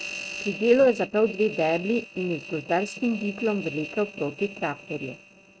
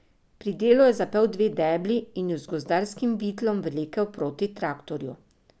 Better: second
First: noise reduction (neural mask model RNNoise)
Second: none

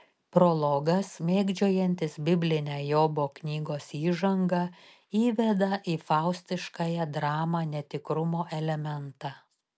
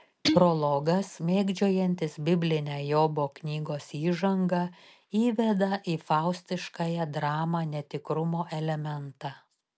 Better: first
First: none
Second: background sound (Guitar); 6 dB below the speech

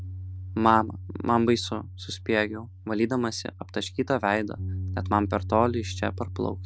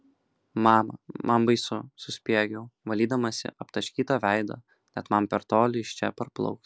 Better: second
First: background sound (Bass guitar); 9 dB below the speech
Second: none

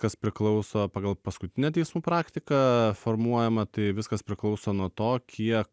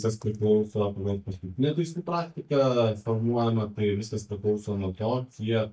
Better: first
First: none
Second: noise reduction (neural mask model DeepFilterNet 3)

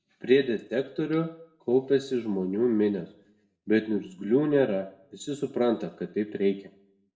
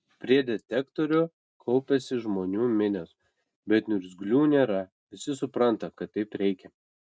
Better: second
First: room echo; dies away in 0.5 s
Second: none

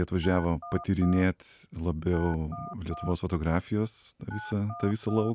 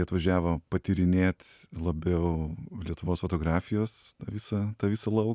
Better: second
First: background sound (Telephone); 13 dB below the speech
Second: none

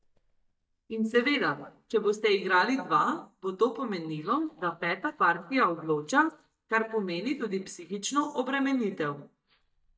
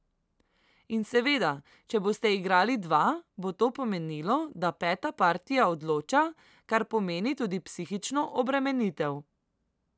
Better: second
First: noise reduction (neural mask model DeepFilterNet 3)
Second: none

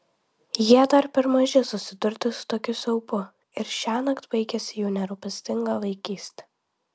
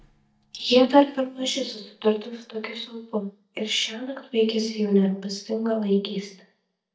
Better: first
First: none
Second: noise reduction (neural mask model DeepFilterNet 3)

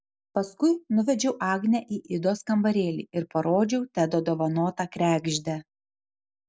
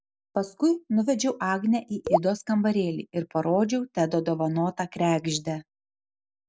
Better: first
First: none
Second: background sound (Raindrop / Drip); 1 dB below the speech

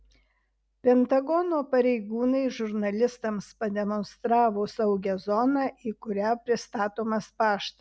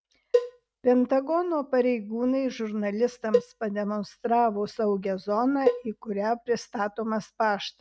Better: first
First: none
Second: noise reduction (neural mask model RNNoise)

